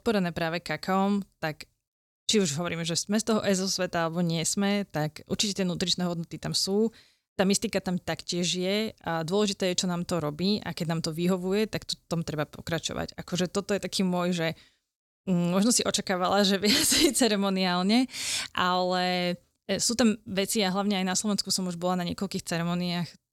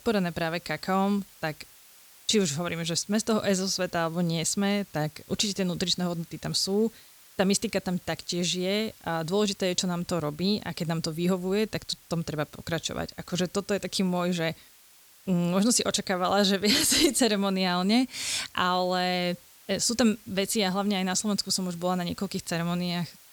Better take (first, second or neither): first